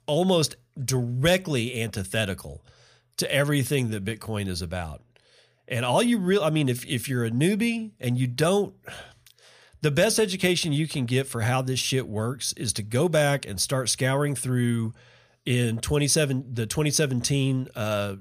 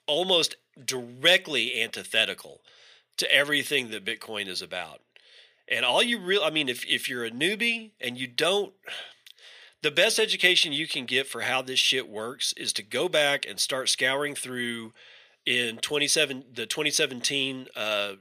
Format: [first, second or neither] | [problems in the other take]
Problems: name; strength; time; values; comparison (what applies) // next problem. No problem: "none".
first | thin; somewhat; fading below 400 Hz